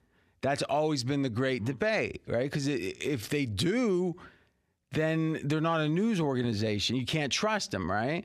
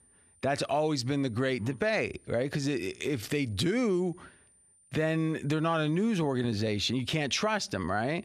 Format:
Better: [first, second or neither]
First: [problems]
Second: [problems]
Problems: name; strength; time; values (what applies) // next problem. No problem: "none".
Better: first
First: none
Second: high-pitched whine; faint; throughout; 9 kHz, 30 dB below the speech